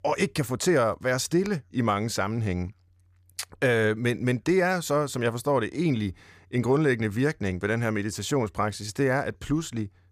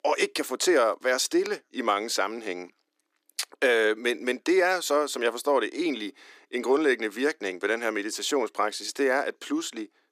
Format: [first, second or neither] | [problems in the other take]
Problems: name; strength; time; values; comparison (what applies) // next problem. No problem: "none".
first | thin; somewhat; fading below 300 Hz